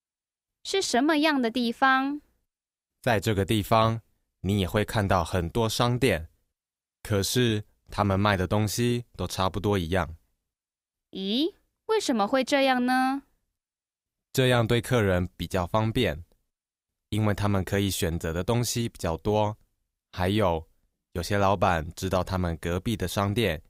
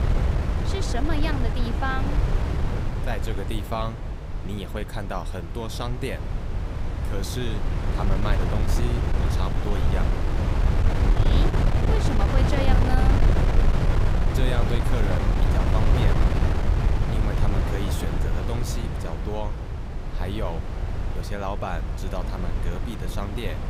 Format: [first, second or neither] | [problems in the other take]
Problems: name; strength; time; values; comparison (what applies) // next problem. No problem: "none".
first | wind noise on the microphone; heavy; as loud as the speech